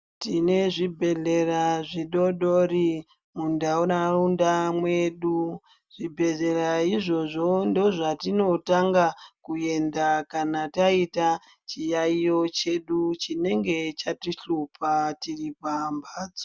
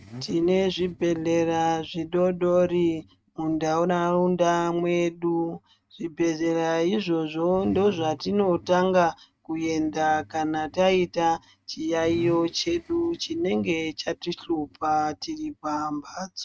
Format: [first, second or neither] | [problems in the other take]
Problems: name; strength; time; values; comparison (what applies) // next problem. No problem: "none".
first | noise reduction (neural mask model RNNoise)